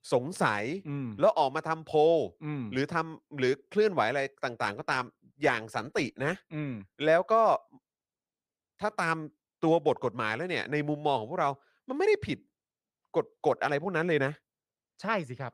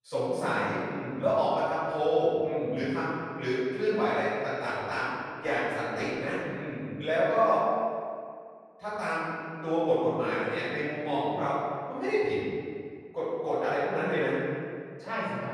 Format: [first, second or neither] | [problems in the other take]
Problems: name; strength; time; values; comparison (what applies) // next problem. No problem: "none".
first | off-mic speech; far // room echo; strong; dies away in 2 s